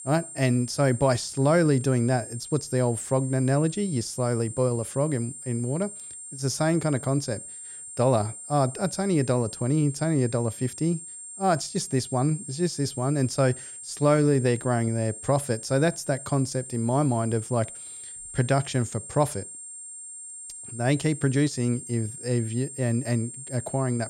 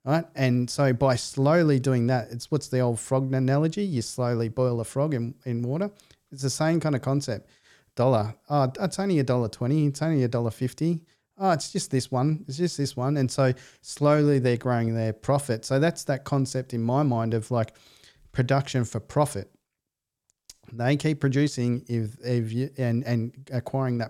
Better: second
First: high-pitched whine; noticeable; throughout; 8.5 kHz, 10 dB below the speech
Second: none

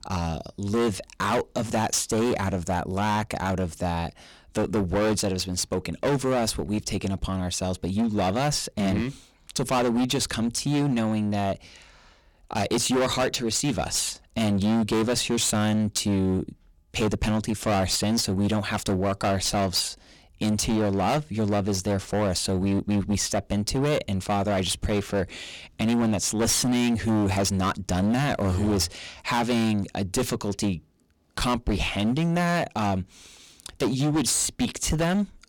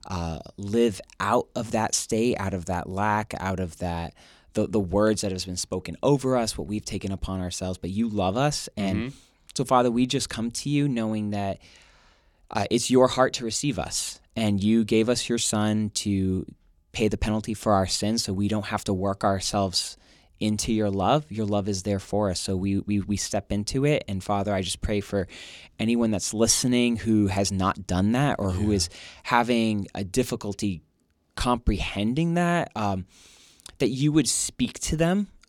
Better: second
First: distortion; heavy; 17% of the sound clipped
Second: none

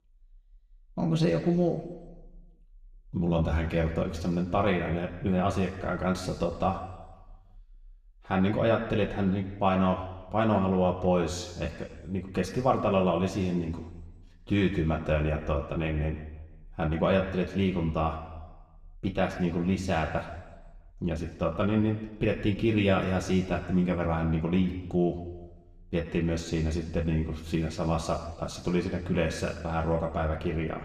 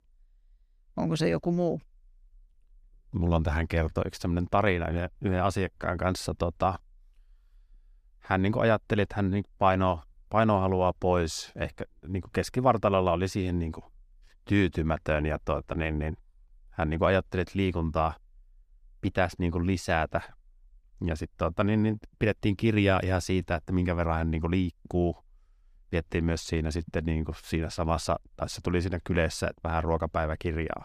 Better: second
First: room echo; slight; dies away in 1.2 s // off-mic speech; somewhat distant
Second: none

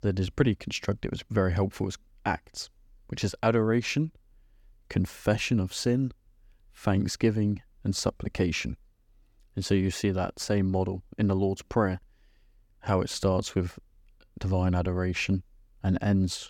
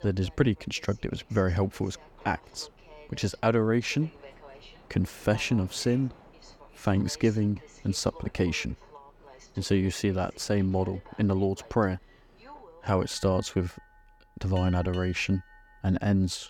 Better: first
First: none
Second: train or aircraft noise; faint; throughout; 20 dB below the speech

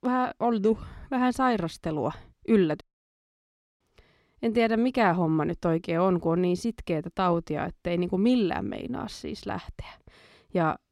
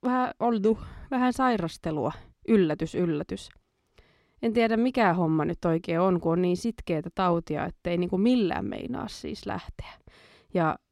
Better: second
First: audio cutting out; at 3 s for 1 s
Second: none

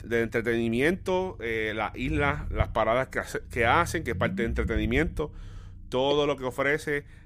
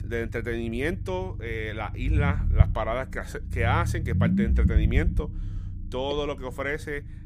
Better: first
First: low rumble; faint; throughout; 25 dB below the speech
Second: low rumble; loud; throughout; 9 dB below the speech

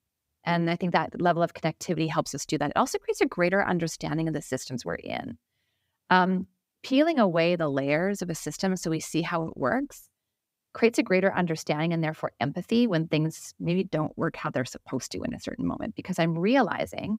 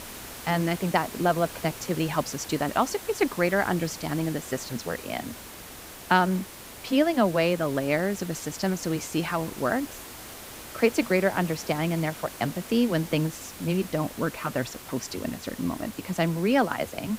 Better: first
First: none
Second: hiss; noticeable; throughout; 15 dB below the speech

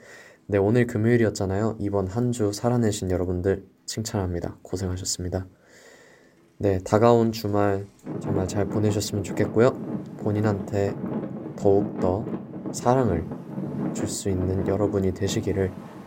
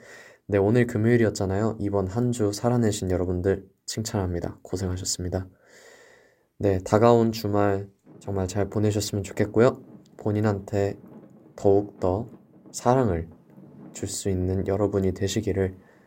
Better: second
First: traffic noise; loud; throughout; 8 dB below the speech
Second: traffic noise; faint; throughout; 25 dB below the speech

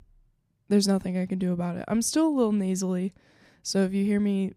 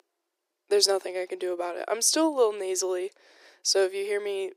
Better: first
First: none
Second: thin; very; fading below 350 Hz

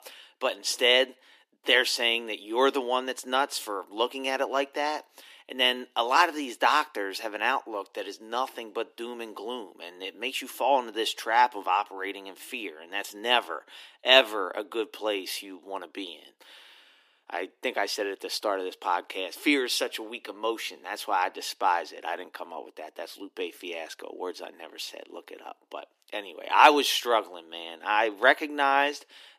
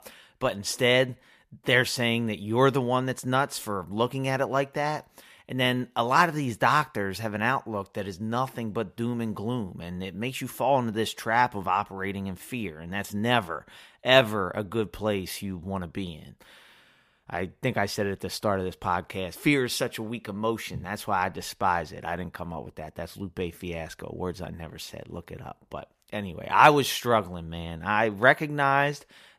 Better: second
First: thin; somewhat; fading below 300 Hz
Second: none

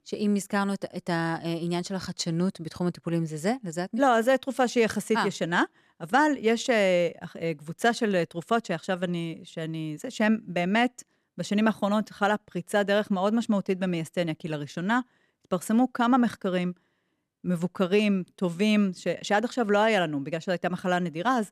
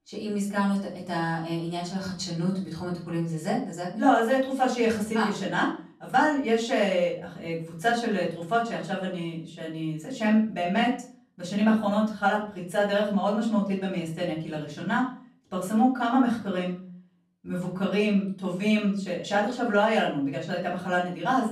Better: first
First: none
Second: off-mic speech; far // room echo; slight; dies away in 0.5 s

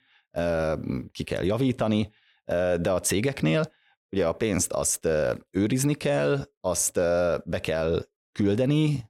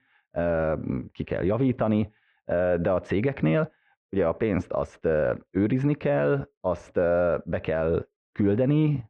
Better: first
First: none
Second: muffled; very; fading above 2 kHz

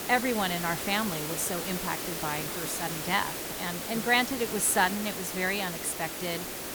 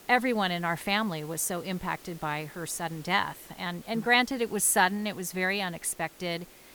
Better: second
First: hiss; loud; throughout; 4 dB below the speech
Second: hiss; faint; throughout; 20 dB below the speech

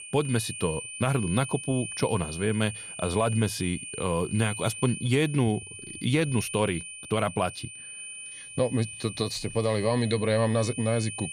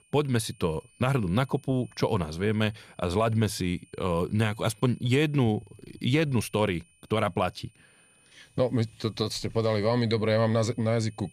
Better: second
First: high-pitched whine; loud; throughout; 9 kHz, 9 dB below the speech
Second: high-pitched whine; faint; throughout; 9 kHz, 30 dB below the speech

